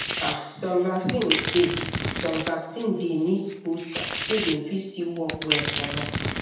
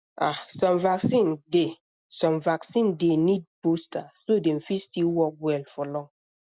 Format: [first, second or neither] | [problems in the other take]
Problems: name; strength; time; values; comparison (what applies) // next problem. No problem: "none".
second | background sound (Domestic sounds, home sounds); 3 dB below the speech // room echo; dies away in 0.9 s